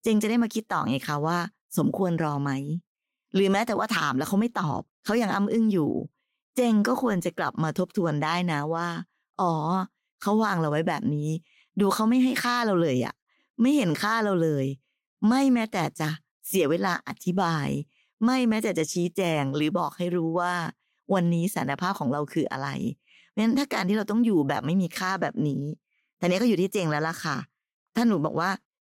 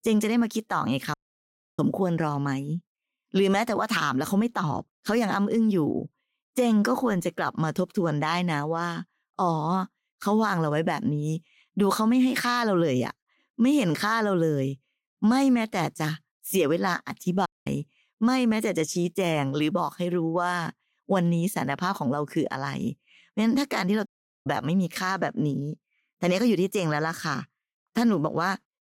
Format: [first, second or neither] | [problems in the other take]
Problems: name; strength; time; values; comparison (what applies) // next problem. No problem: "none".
first | audio cutting out; at 1 s for 0.5 s, at 17 s and at 24 s